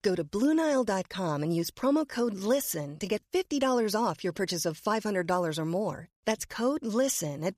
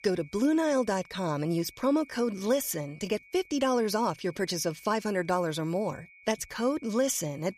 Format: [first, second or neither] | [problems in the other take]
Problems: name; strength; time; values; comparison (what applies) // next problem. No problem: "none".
first | high-pitched whine; faint; throughout; 2.5 kHz, 25 dB below the speech